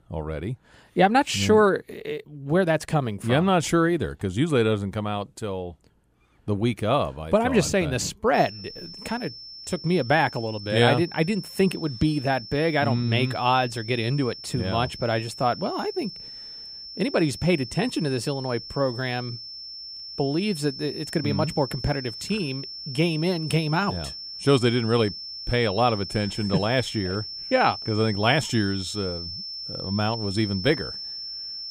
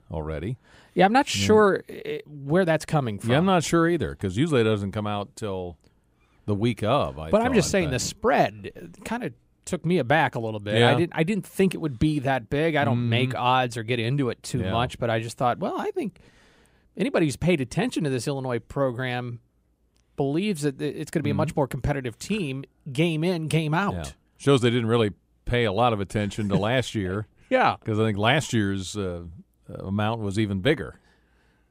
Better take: second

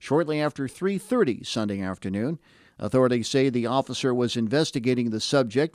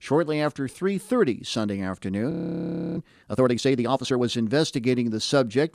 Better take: first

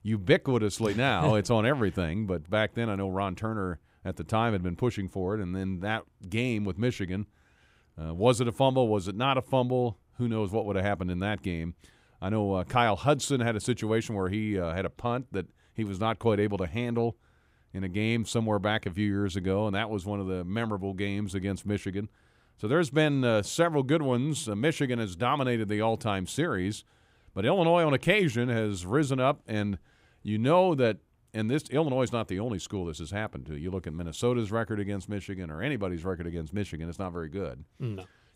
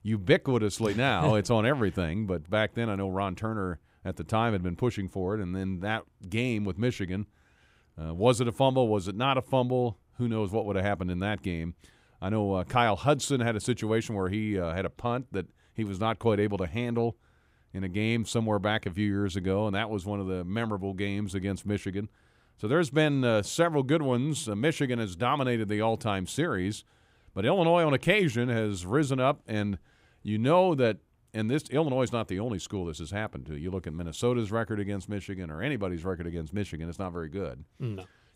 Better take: neither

